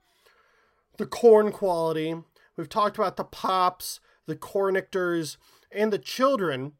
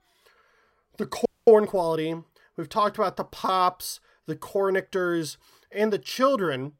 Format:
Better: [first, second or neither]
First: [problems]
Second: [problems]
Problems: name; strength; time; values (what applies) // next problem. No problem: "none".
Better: first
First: none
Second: audio freezing; at 1.5 s